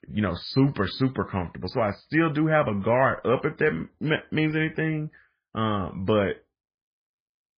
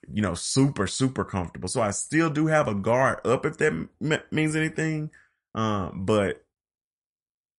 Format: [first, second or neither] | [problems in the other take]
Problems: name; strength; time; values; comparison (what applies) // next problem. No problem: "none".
second | garbled, watery; badly; nothing above 4 kHz; slightly in the second